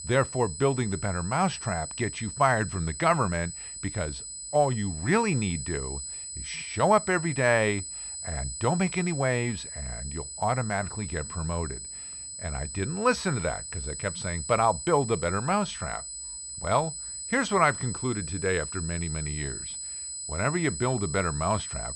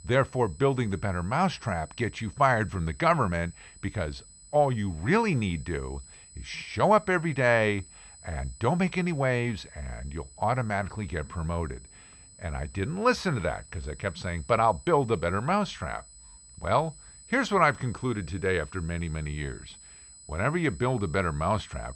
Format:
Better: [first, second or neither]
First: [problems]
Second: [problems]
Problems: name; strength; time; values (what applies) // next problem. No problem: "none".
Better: second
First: high-pitched whine; loud; throughout; 8 kHz, 7 dB below the speech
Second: high-pitched whine; faint; throughout; 8 kHz, 20 dB below the speech